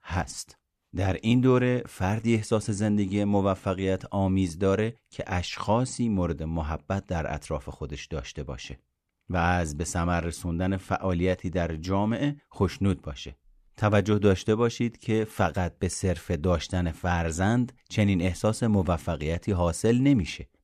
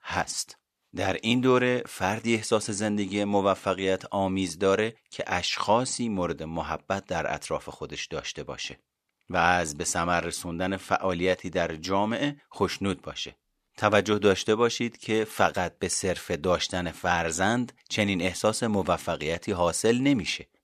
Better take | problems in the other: first | thin; very slightly; fading below 550 Hz

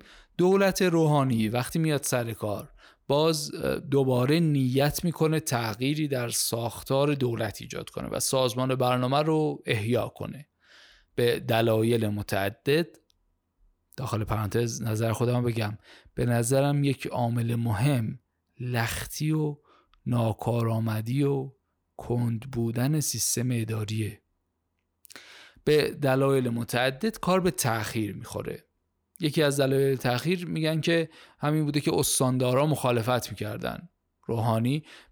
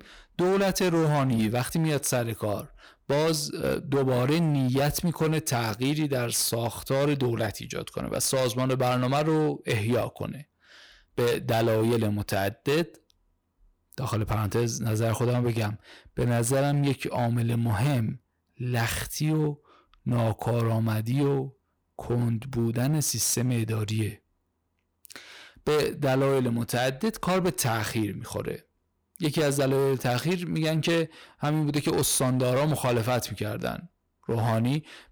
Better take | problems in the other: first | distortion; slight; 13% of the sound clipped

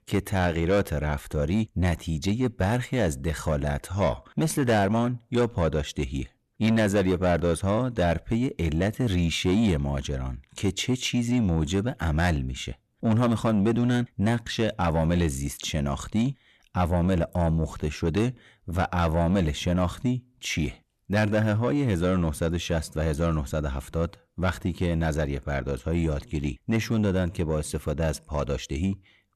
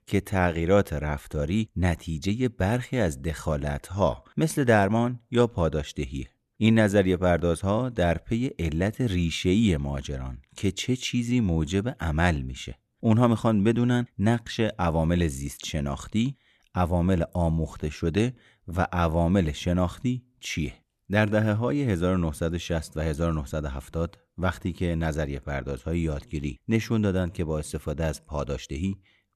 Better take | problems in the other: second | distortion; slight; 10 dB below the speech

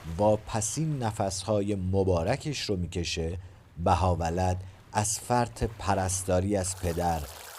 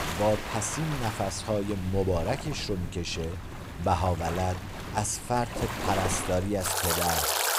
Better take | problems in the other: first | rain or running water; loud; throughout; 3 dB below the speech; faint in the first

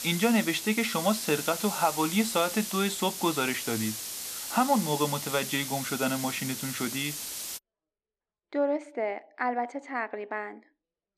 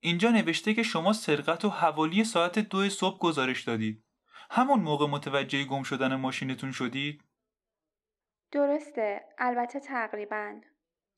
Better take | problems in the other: second | hiss; loud; until 7.5 s; 5 dB below the speech

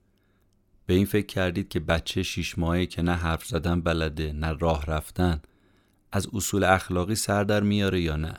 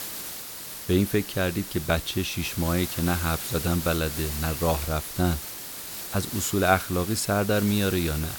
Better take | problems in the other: first | hiss; loud; throughout; 7 dB below the speech

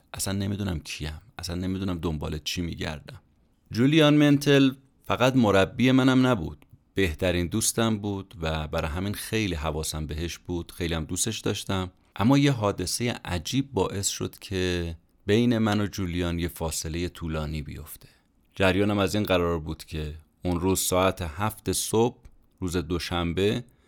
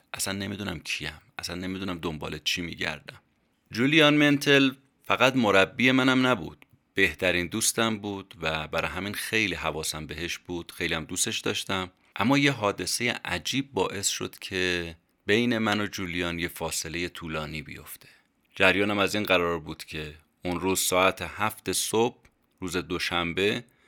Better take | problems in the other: first | thin; very slightly; fading below 500 Hz

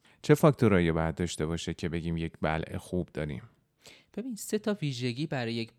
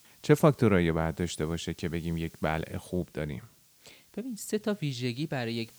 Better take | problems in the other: first | hiss; faint; throughout; 25 dB below the speech

